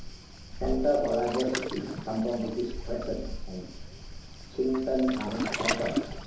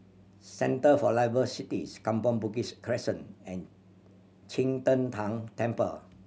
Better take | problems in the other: second | background sound (Waves, surf); 5 dB below the speech // room echo; dies away in 2.8 s

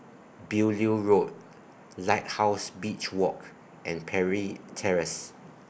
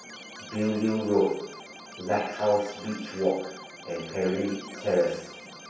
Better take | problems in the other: first | background sound (Keyboard (musical)); 16 dB below the speech // room echo; dies away in 0.7 s

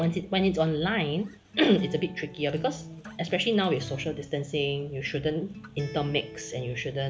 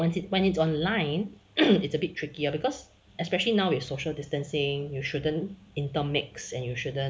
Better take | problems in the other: second | background sound (Acoustic guitar); 15 dB below the speech

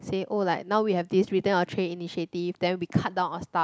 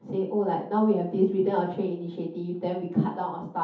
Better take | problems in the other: first | room echo; dies away in 0.5 s

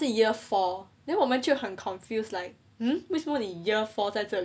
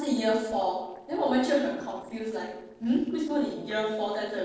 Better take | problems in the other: first | noise reduction (neural separator model SepFormer DNS4)

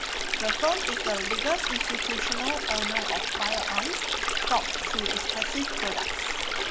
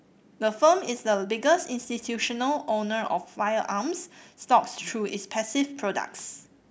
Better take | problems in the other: second | background sound (Stream); 4 dB above the speech

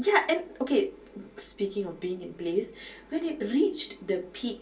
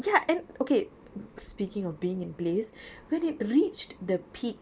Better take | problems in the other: second | room echo; dies away in 0.3 s

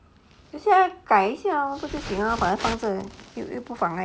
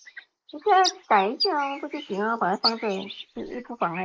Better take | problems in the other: first | noise reduction (neural mask model Resemble Enhance denoiser)

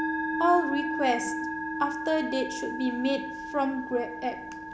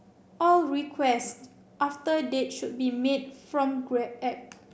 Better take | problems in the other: second | background sound (Musical instrument); 3 dB below the speech

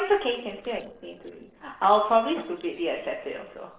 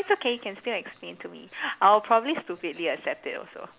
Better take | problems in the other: second | noise reduction (neural separator model SepFormer DNS4)

